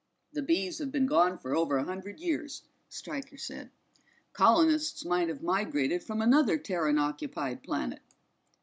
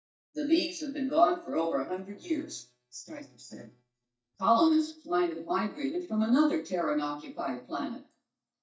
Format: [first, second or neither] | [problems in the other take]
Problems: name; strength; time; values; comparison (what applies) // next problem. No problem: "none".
first | noise reduction (neural mask model DeepFilterNet 3)